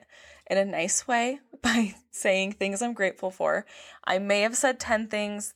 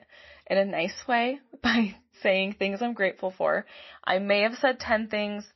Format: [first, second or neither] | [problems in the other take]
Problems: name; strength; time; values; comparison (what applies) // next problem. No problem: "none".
first | garbled, watery; slightly; nothing above 5.5 kHz